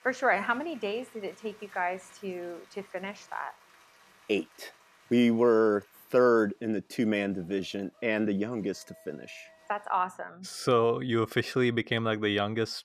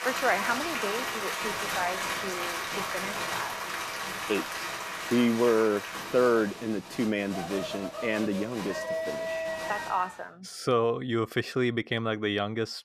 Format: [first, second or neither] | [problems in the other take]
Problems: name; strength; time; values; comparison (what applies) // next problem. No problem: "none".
first | crowd noise; loud; until 10 s; 4 dB below the speech; faint in the first